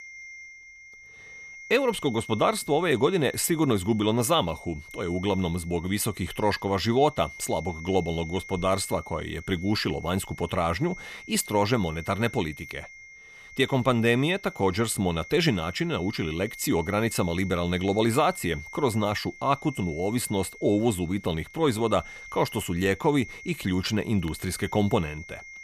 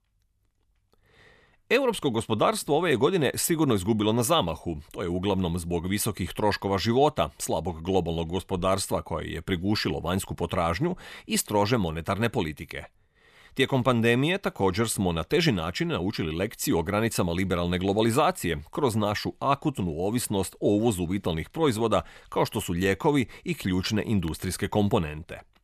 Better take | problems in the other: second | high-pitched whine; noticeable; throughout; 2 kHz, 15 dB below the speech

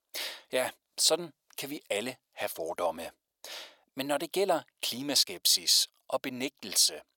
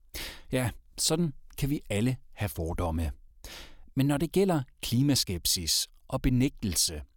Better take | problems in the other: second | thin; very; fading below 550 Hz

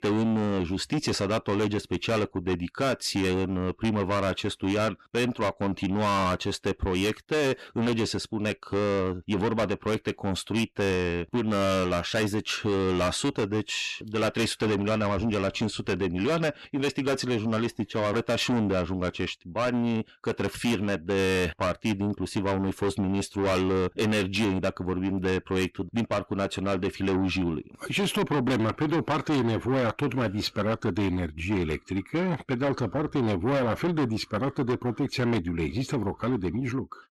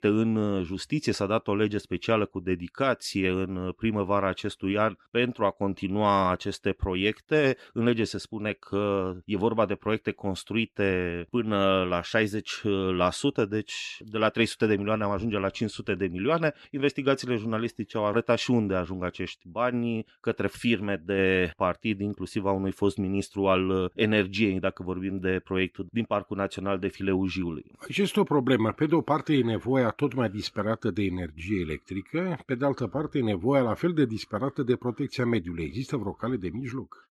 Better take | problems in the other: second | distortion; heavy; 6 dB below the speech

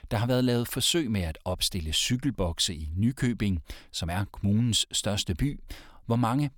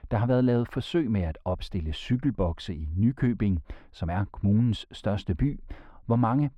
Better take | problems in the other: first | muffled; very; fading above 3.5 kHz

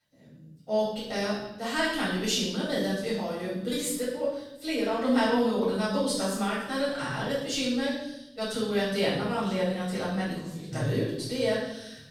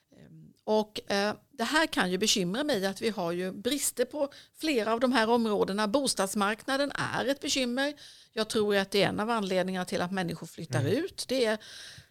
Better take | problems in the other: second | room echo; strong; dies away in 0.9 s // off-mic speech; far

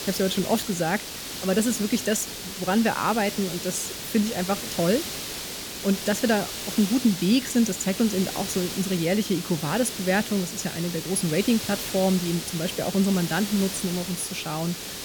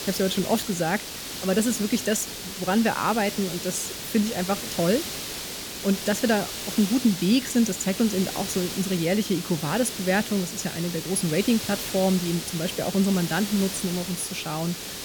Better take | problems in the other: neither | hiss; loud; throughout; 6 dB below the speech; the same in both

